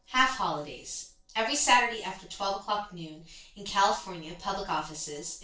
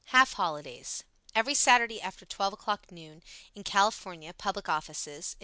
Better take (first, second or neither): second